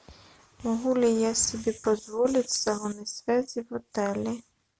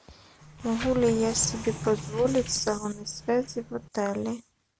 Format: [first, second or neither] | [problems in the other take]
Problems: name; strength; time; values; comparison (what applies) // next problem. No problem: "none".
first | background sound (Sliding door); 10 dB below the speech